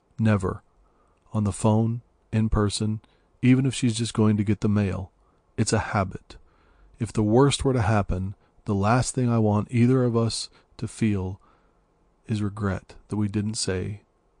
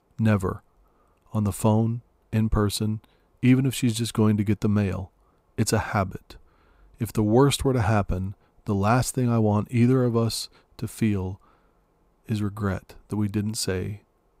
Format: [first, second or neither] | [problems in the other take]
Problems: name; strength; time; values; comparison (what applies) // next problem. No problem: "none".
second | garbled, watery; slightly; nothing above 9.5 kHz